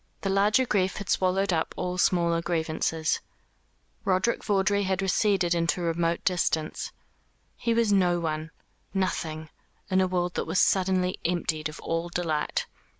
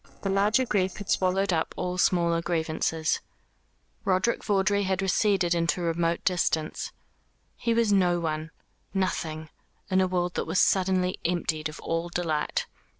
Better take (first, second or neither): first